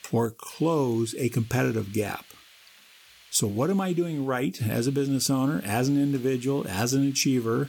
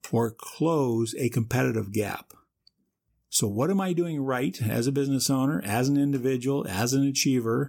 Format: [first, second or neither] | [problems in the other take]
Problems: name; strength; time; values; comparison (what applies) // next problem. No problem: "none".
second | hiss; faint; throughout; 25 dB below the speech